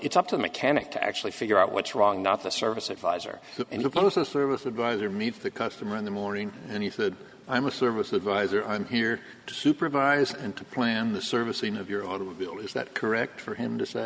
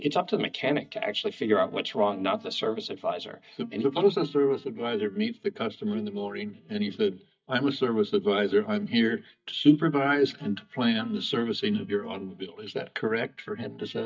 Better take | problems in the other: first | noise reduction (neural mask model DeepFilterNet 3)

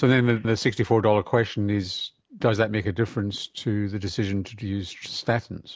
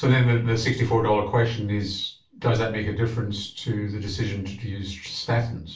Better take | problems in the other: first | room echo; dies away in 0.3 s

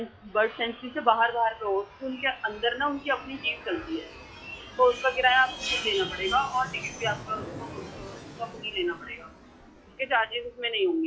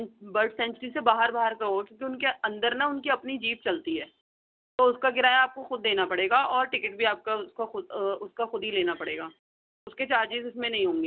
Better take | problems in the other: second | noise reduction (classical method log-MMSE)

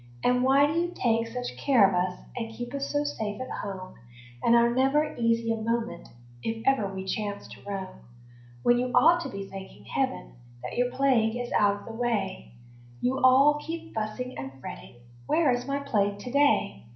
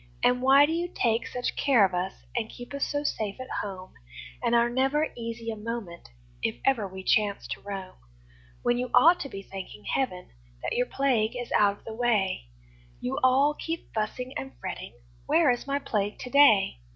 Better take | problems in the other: second | room echo; dies away in 0.6 s

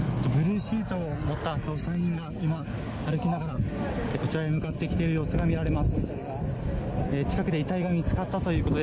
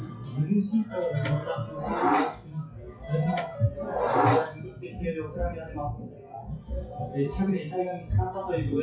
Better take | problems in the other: first | noise reduction (classical method WPE with log-MMSE)

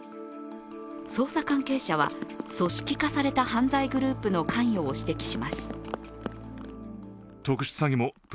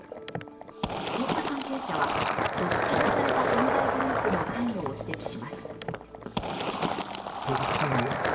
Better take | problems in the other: first | background sound (Fill (with liquid)); 5 dB above the speech // room echo; dies away in 1.8 s

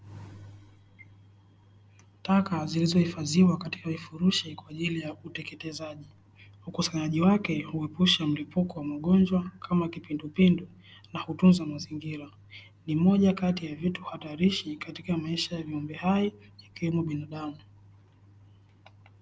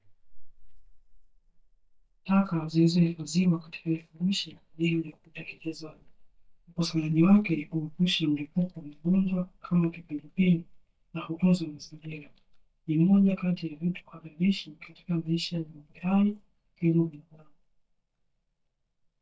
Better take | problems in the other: first | noise reduction (neural mask model DeepFilterNet 3)

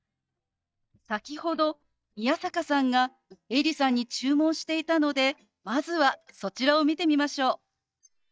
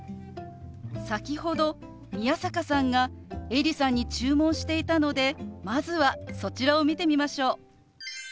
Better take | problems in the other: second | noise reduction (neural mask model DeepFilterNet 3)

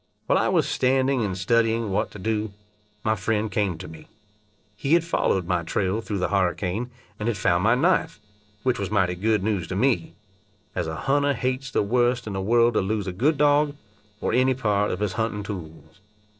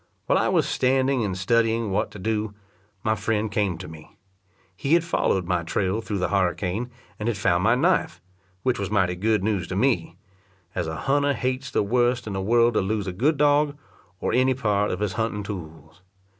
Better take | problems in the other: second | noise reduction (neural separator model SepFormer DNS4)

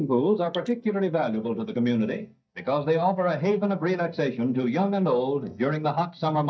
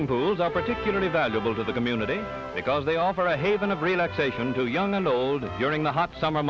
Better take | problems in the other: second | noise reduction (neural mask model DeepFilterNet 3)

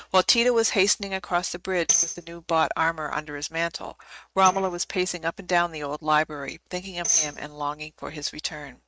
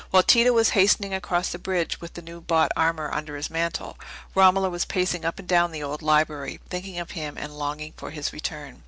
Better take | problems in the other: second | noise reduction (neural mask model RNNoise)

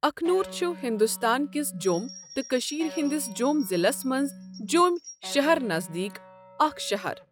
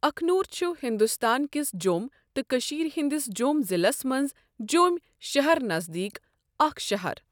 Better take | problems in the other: second | noise reduction (classical method log-MMSE)

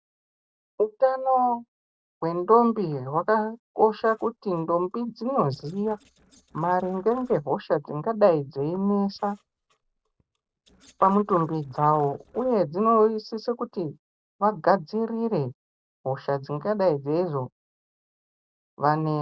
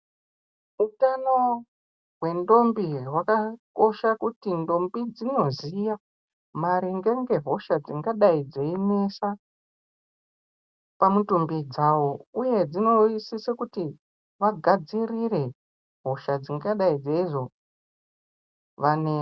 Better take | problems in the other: second | noise reduction (neural separator model SepFormer DNS4)

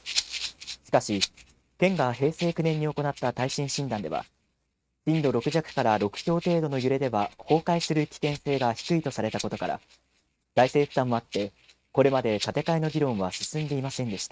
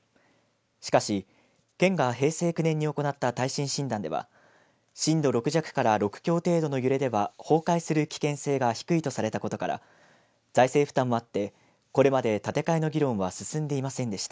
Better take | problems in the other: second | noise reduction (neural mask model RNNoise)

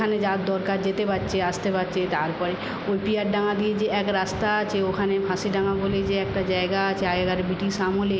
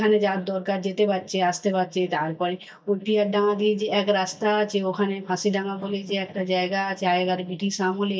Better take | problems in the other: first | noise reduction (neural mask model DeepFilterNet 3)

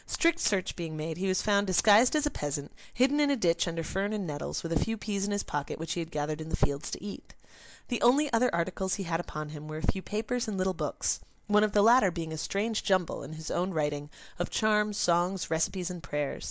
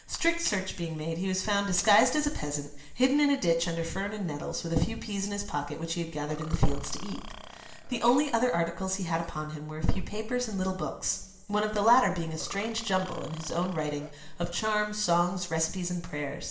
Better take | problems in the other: first | background sound (Burping, eructation); 18 dB below the speech // room echo; dies away in 1 s

